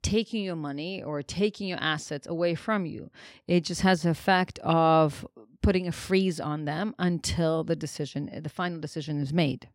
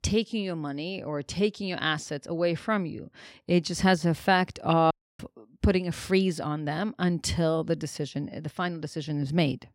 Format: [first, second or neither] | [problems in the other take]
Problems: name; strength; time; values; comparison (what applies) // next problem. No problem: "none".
first | audio cutting out; at 5 s